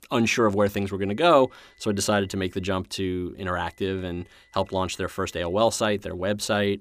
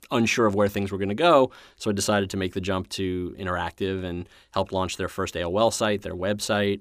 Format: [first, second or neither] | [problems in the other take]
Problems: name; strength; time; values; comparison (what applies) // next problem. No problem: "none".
second | high-pitched whine; faint; from 1 to 3 s and from 3.5 to 5.5 s; 2 kHz, 35 dB below the speech